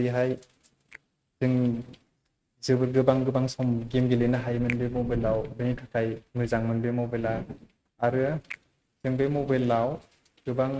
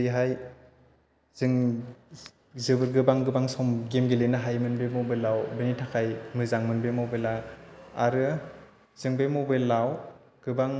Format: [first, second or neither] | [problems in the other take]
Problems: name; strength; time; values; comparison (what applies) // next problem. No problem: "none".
second | noise reduction (neural mask model RNNoise)